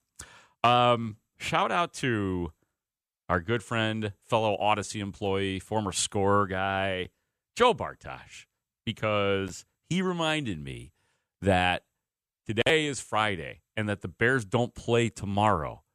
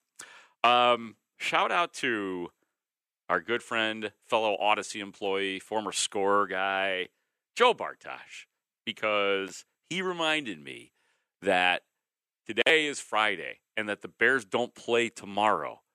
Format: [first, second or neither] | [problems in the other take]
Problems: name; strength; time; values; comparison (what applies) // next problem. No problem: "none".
first | thin; somewhat; fading below 350 Hz